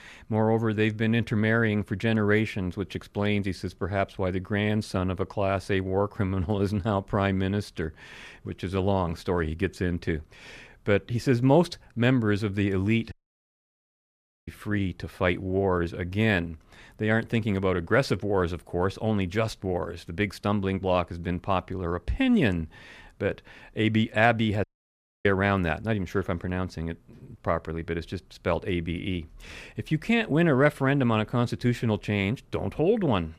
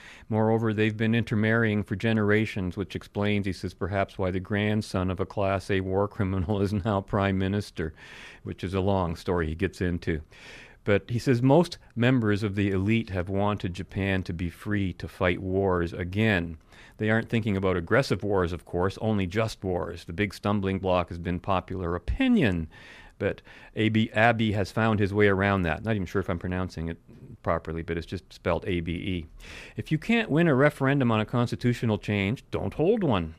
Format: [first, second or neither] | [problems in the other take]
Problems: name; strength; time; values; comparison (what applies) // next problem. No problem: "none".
second | audio cutting out; at 13 s for 1.5 s and at 25 s for 0.5 s